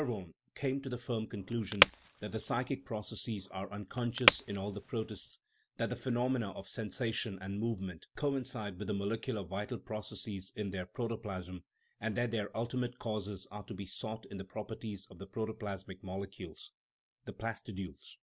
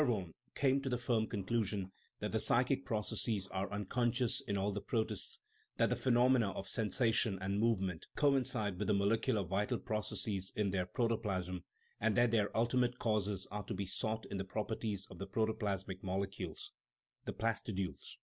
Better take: second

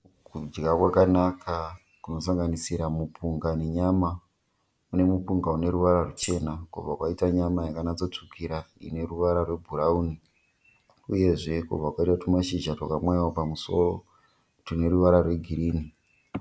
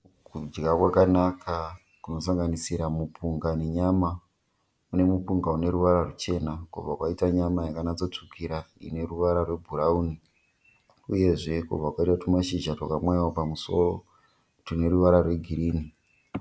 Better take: second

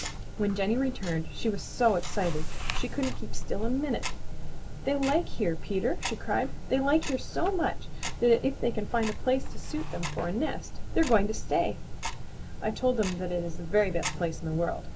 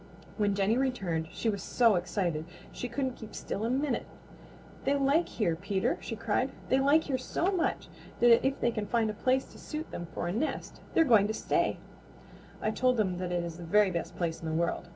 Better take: second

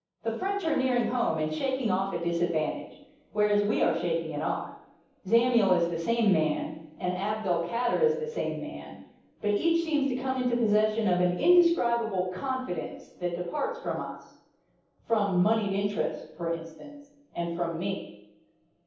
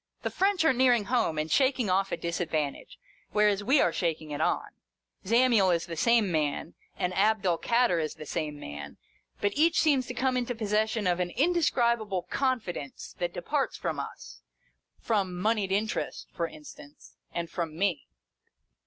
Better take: second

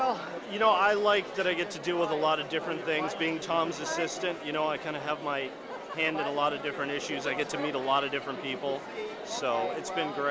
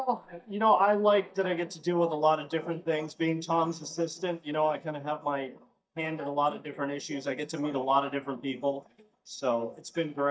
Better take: first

